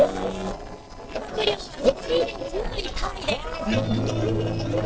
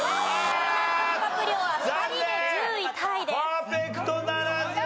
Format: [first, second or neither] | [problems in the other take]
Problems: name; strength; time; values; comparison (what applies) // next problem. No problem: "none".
second | noise reduction (neural separator model SepFormer DNS4)